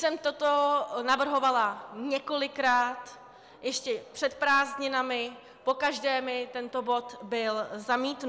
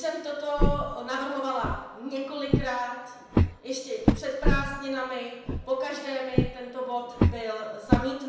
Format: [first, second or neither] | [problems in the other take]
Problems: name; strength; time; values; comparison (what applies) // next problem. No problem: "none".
first | background sound (Walk, footsteps); 4 dB above the speech // room echo; dies away in 0.8 s